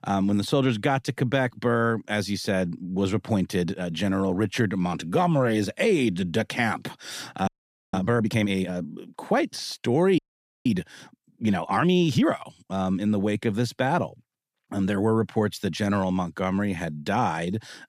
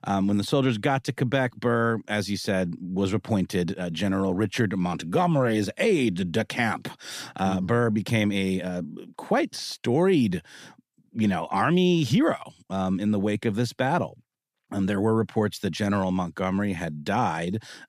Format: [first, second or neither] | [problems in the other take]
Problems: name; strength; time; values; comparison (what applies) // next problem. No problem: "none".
second | audio freezing; at 7.5 s and at 10 s